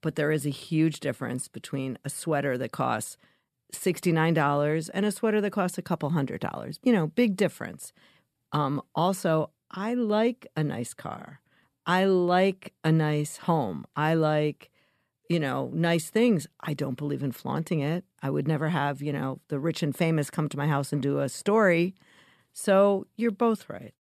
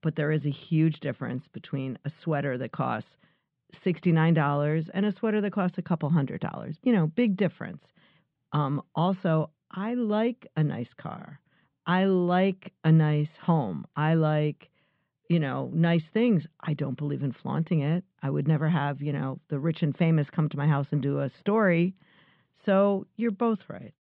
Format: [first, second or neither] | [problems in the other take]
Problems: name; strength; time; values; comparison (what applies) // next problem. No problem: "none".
first | muffled; very; fading above 3.5 kHz